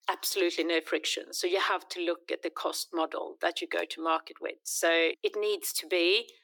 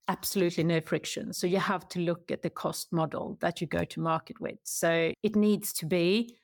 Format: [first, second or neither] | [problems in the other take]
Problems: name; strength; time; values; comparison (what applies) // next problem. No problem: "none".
second | thin; very; fading below 300 Hz